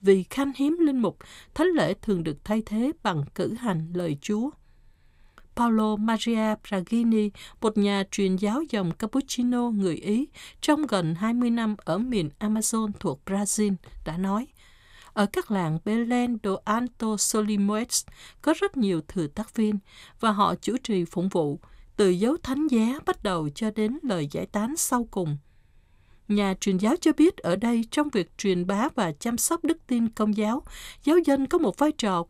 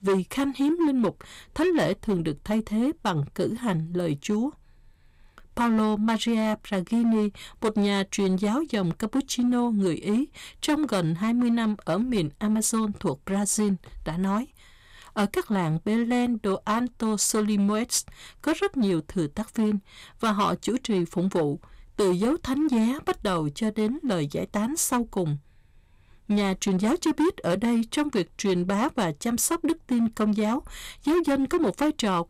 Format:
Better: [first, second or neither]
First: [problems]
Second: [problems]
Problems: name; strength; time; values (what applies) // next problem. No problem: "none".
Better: first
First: none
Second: distortion; slight; 9% of the sound clipped